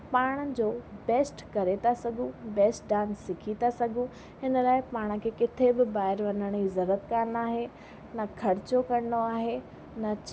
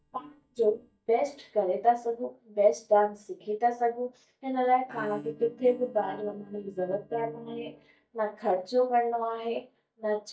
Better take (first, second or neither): first